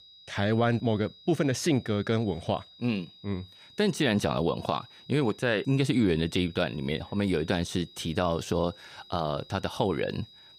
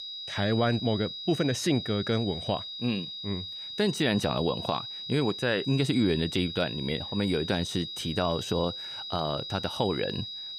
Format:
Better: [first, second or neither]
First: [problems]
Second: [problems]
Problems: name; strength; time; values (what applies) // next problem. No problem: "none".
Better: first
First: high-pitched whine; faint; throughout; 4 kHz, 20 dB below the speech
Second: high-pitched whine; loud; throughout; 4 kHz, 7 dB below the speech